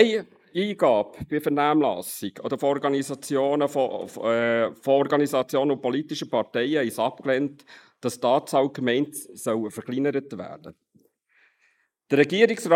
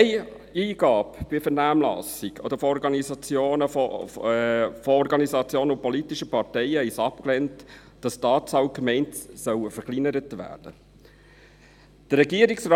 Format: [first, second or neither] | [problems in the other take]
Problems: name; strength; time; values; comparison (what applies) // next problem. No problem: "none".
second | noise reduction (neural mask model Resemble Enhance denoiser)